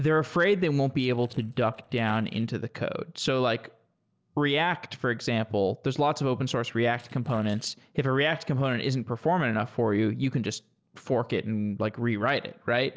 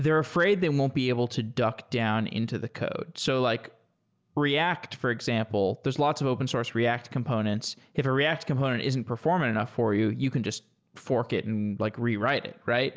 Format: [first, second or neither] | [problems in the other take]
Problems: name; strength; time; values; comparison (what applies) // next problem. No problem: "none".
second | noise reduction (neural separator model SepFormer DNS4)